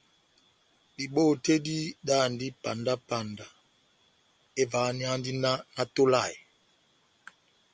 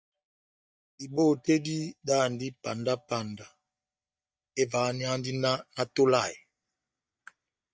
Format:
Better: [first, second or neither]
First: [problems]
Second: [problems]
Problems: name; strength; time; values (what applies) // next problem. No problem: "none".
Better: first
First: none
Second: noise reduction (neural mask model DeepFilterNet 3)